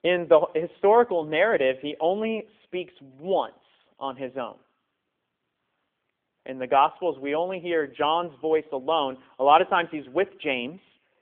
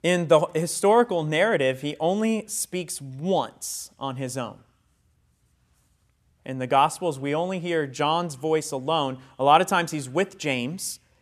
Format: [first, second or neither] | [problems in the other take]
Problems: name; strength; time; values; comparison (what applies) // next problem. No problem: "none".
second | phone-call audio; nothing above 3.5 kHz